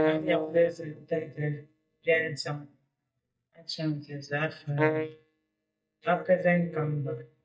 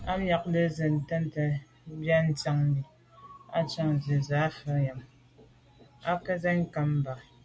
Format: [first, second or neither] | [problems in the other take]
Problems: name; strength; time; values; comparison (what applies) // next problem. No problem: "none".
second | noise reduction (neural mask model DeepFilterNet 3)